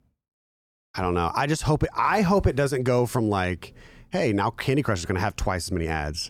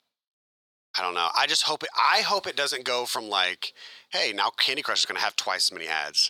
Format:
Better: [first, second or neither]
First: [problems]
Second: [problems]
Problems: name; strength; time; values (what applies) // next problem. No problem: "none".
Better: first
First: none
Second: thin; very; fading below 800 Hz